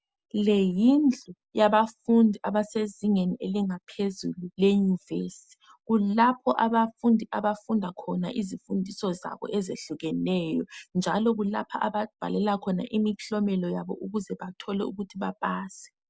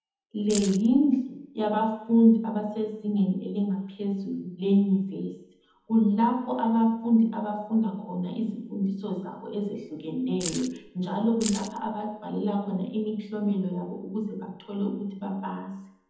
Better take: first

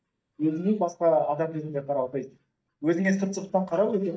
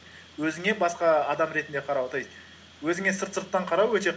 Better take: second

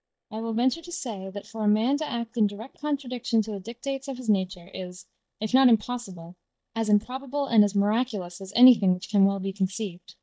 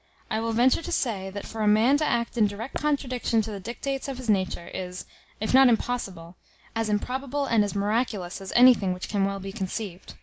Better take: second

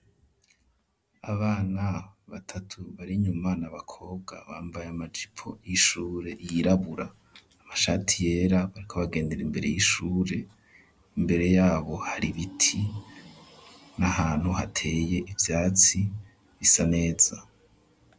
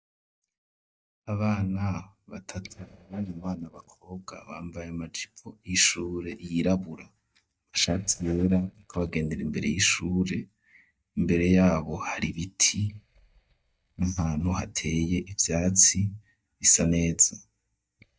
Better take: first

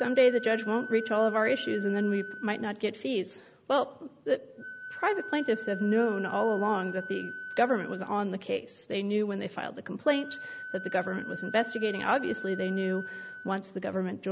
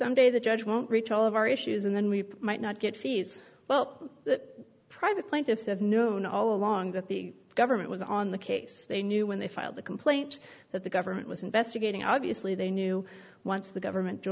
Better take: second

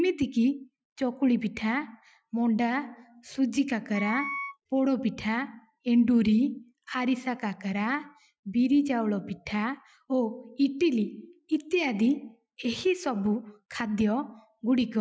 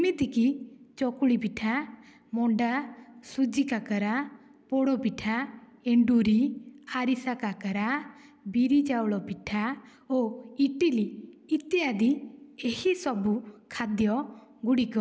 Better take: second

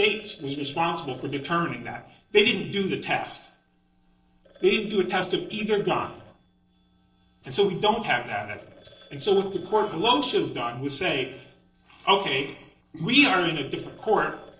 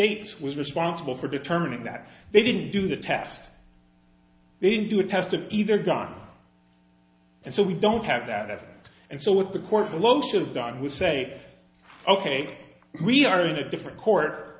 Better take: second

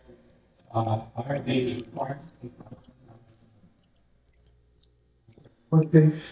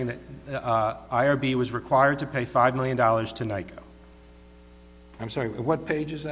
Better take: second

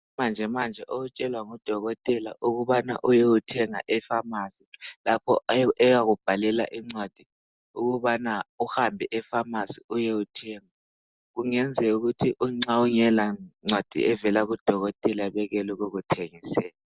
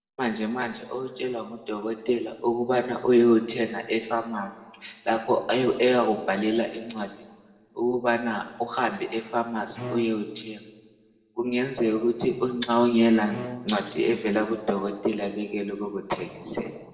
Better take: first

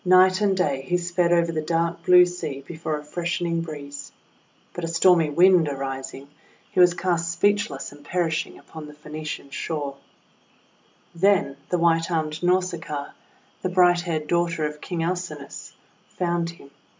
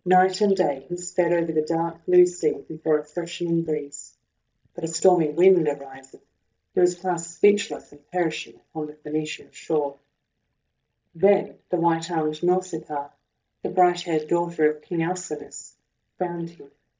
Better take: first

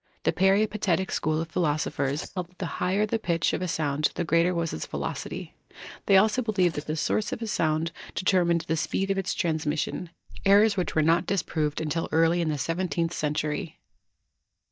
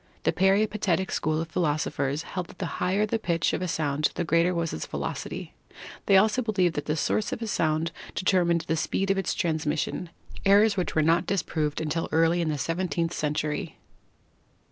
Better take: second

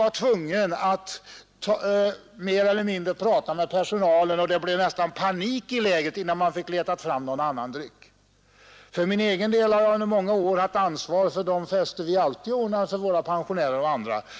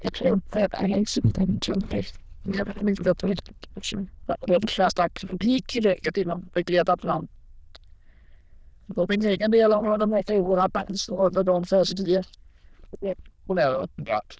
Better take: first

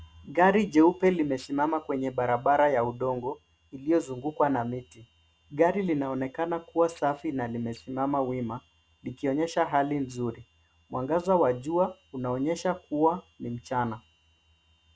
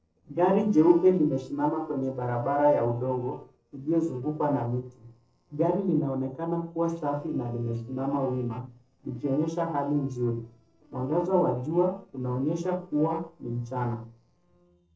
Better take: first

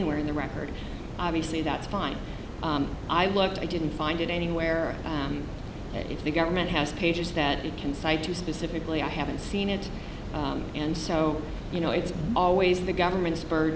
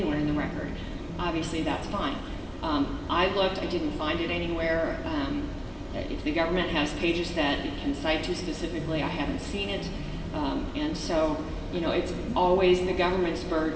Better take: first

